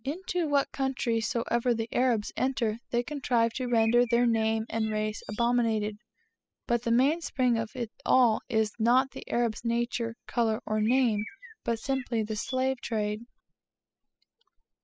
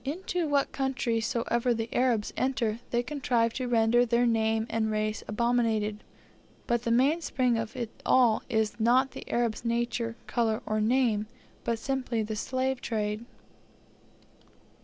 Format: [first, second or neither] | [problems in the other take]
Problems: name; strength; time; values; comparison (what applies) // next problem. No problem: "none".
second | noise reduction (classical method spectral subtraction)